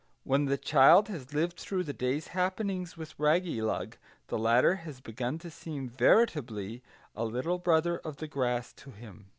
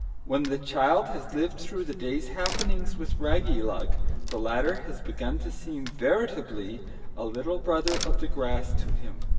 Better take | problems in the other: first | background sound (Crack); 3 dB above the speech // room echo; dies away in 1.7 s

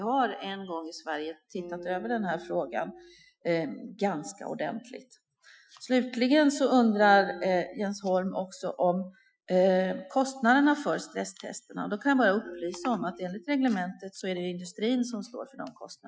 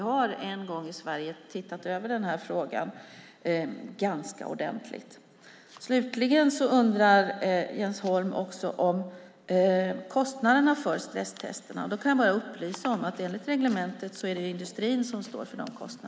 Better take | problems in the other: second | noise reduction (classical method Wiener filter)

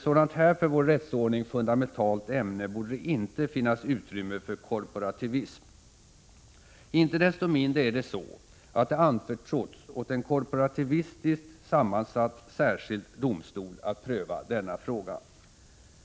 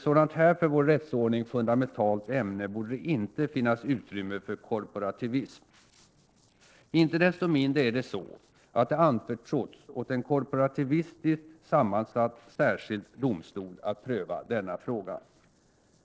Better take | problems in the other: first | noise reduction (neural separator model SepFormer DNS4)

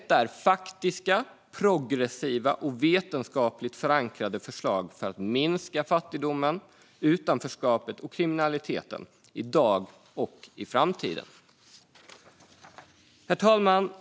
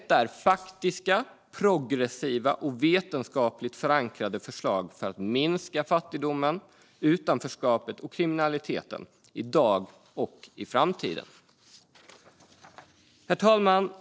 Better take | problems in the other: first | noise reduction (neural separator model SepFormer DNS4)

